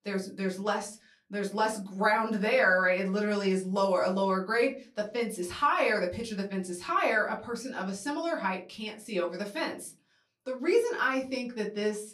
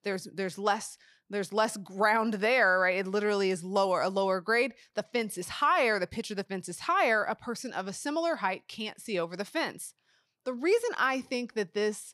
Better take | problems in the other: second | off-mic speech; far // room echo; very slight; dies away in 0.3 s

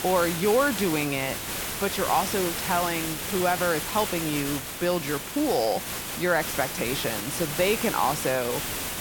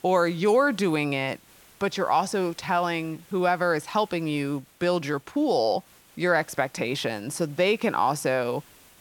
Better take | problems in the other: second | hiss; loud; throughout; 3 dB below the speech; faint in the second

